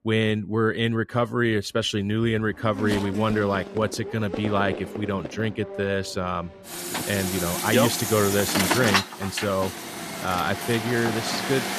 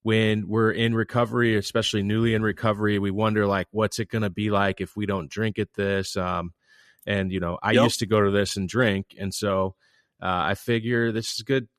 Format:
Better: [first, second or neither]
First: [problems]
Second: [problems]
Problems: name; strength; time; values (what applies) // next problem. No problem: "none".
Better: second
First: traffic noise; loud; throughout; 4 dB below the speech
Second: none